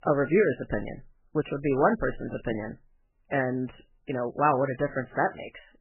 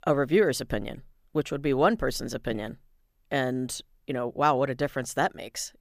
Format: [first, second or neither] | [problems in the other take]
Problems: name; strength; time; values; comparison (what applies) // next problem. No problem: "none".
second | garbled, watery; badly; nothing above 3 kHz